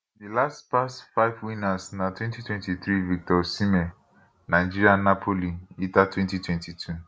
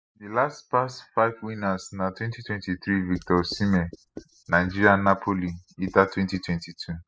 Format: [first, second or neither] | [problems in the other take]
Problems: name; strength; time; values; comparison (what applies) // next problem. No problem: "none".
first | noise reduction (classical method spectral subtraction)